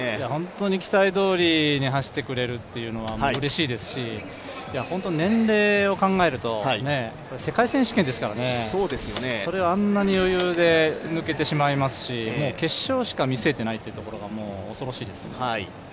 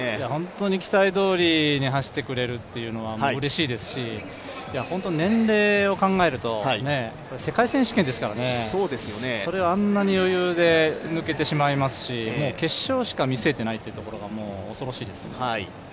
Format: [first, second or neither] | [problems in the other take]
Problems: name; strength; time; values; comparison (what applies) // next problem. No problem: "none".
second | background sound (Door); 16 dB below the speech